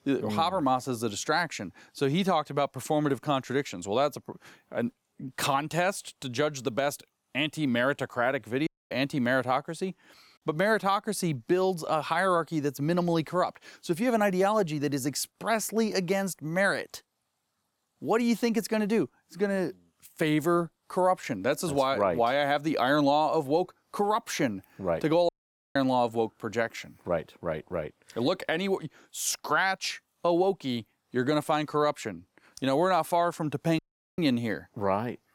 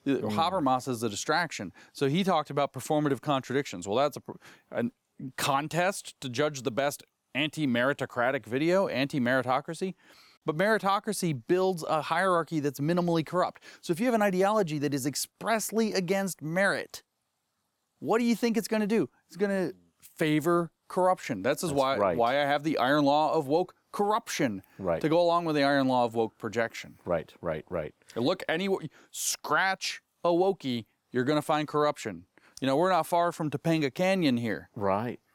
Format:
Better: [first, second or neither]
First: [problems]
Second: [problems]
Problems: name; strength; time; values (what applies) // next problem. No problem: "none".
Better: second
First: audio cutting out; at 8.5 s, at 25 s and at 34 s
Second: none